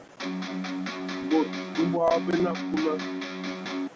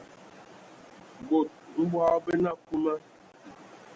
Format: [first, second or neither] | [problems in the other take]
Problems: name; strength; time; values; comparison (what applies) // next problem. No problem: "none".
second | background sound (Electric guitar); 3 dB below the speech